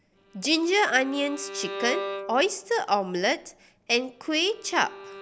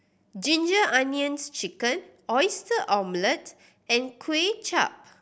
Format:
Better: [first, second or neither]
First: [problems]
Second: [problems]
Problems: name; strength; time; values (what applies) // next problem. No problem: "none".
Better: second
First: background sound (Bowed string instrument); 13 dB below the speech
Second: none